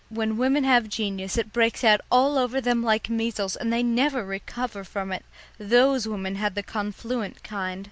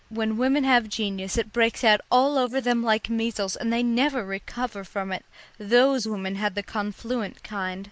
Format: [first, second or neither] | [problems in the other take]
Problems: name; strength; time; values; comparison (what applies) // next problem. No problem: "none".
first | noise reduction (neural mask model Resemble Enhance denoiser)